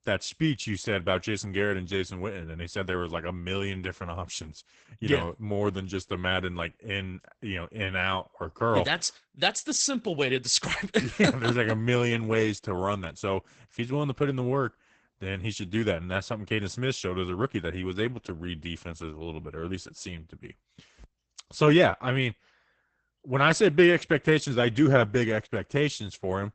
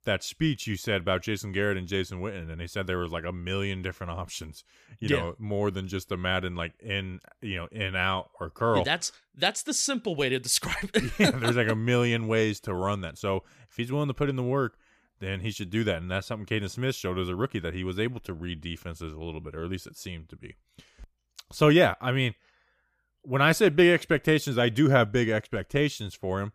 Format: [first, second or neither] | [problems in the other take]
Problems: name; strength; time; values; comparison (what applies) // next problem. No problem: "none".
second | garbled, watery; badly; nothing above 8 kHz